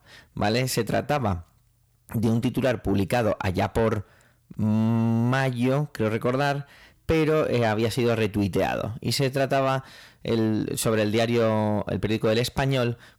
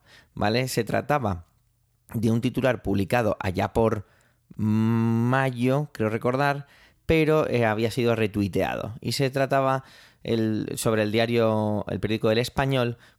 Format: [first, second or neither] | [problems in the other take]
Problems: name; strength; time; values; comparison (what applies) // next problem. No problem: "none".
second | distortion; slight; 10 dB below the speech